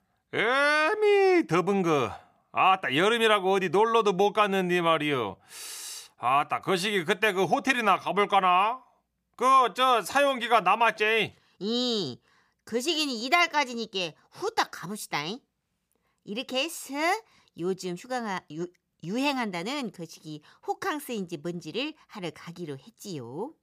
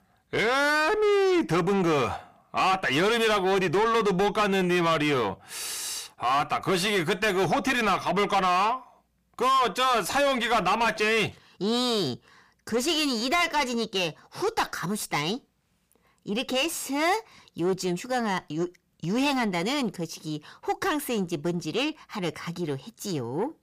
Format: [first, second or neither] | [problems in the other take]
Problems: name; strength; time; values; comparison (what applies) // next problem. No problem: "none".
first | distortion; heavy; 6 dB below the speech